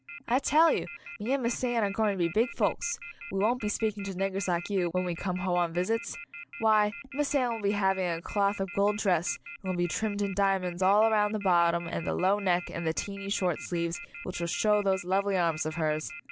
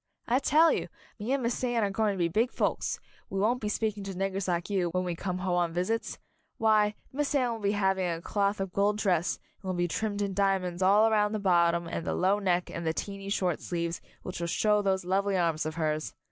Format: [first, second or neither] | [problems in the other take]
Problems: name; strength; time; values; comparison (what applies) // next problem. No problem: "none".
second | background sound (Telephone); 16 dB below the speech